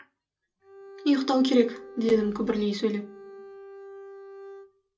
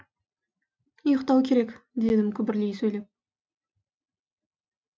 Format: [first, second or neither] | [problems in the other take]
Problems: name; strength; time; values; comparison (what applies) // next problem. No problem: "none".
second | background sound (Bowed string instrument); 17 dB below the speech // room echo; dies away in 0.2 s